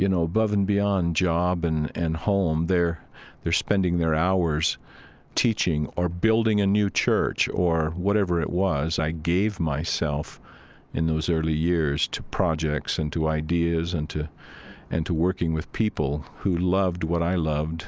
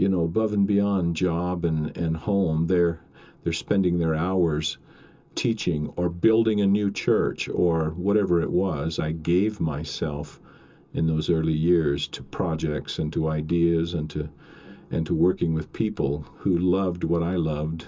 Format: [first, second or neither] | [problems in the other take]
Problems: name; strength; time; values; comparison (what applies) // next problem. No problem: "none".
first | room echo; dies away in 0.2 s